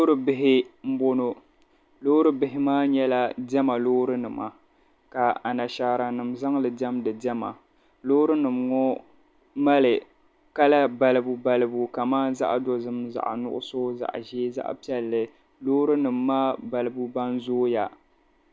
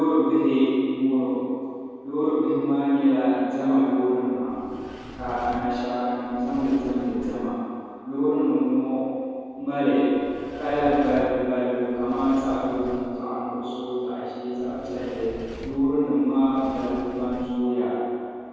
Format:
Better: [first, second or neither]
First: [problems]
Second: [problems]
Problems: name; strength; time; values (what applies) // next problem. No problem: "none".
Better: first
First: none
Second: background sound (Sliding door); 18 dB below the speech // room echo; dies away in 2.1 s